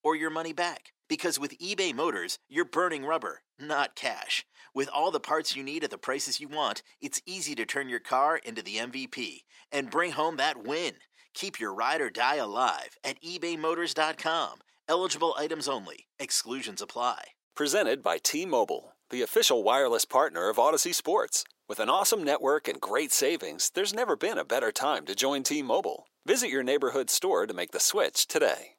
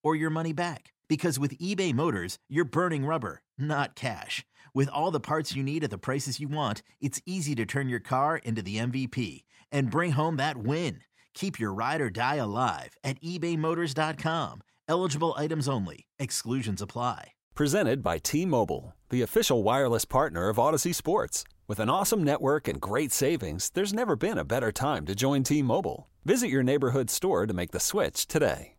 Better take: second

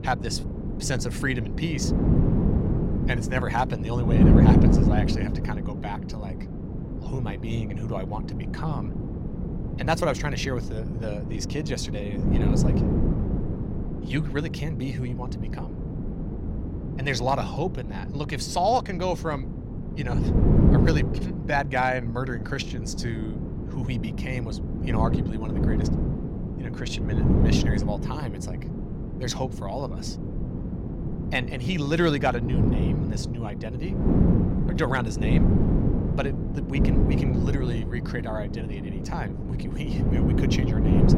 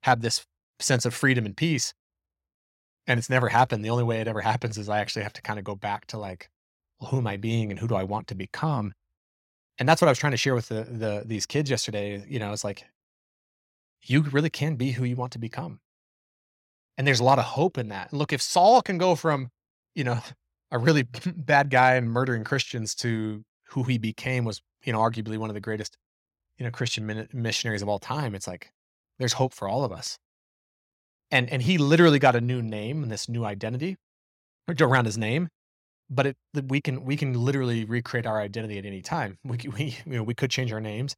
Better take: second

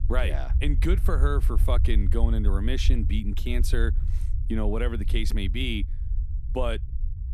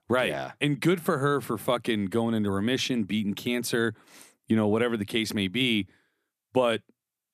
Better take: second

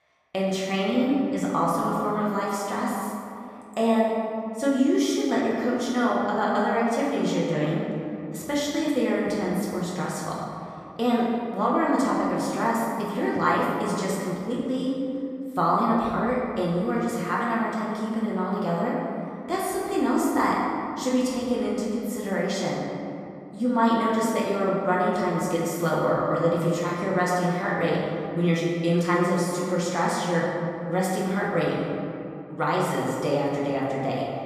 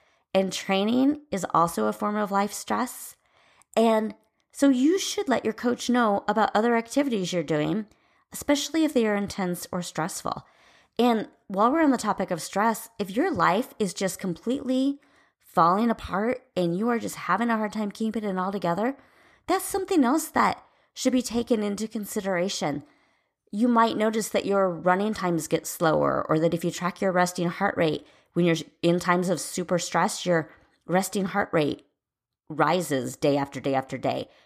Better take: second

